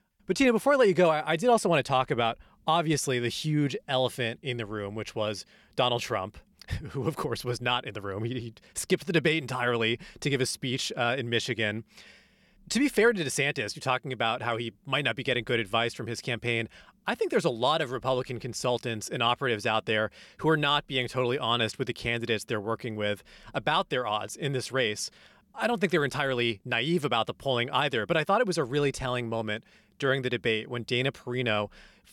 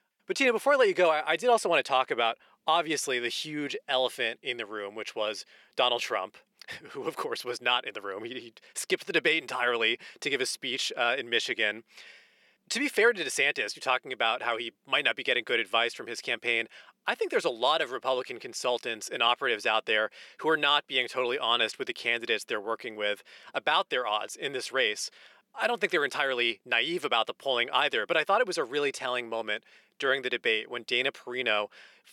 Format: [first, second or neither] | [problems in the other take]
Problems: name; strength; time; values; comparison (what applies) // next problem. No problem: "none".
first | thin; somewhat; fading below 400 Hz